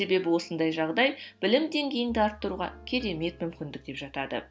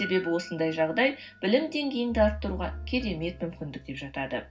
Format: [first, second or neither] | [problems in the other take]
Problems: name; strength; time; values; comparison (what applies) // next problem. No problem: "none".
first | background sound (Piano); 20 dB below the speech // room echo; dies away in 0.4 s